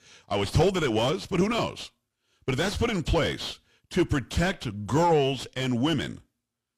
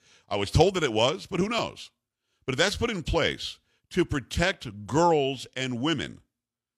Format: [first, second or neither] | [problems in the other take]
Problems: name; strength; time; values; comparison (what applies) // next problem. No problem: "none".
second | distortion; heavy; 5 dB below the speech